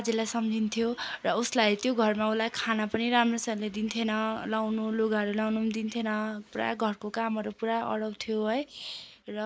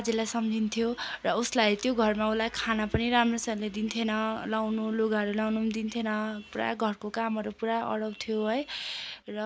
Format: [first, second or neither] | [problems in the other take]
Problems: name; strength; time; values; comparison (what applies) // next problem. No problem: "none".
second | noise reduction (neural mask model Resemble Enhance denoiser)